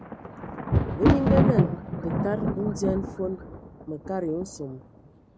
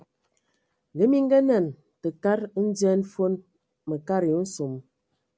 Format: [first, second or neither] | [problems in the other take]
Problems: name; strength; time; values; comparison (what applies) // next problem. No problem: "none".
second | background sound (Thunder); 4 dB above the speech